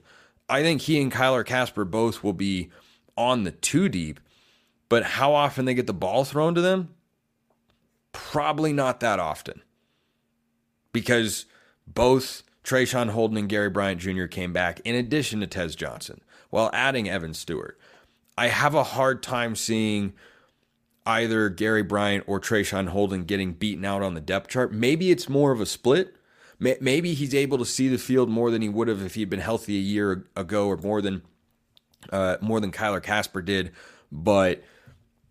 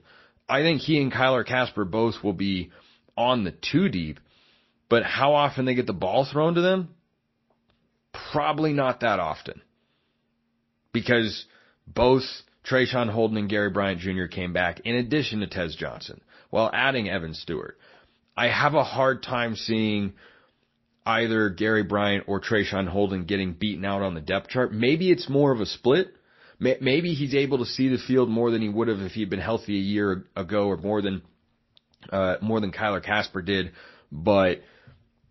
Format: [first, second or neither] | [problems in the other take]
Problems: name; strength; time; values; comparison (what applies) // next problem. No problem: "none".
first | garbled, watery; slightly; nothing above 5.5 kHz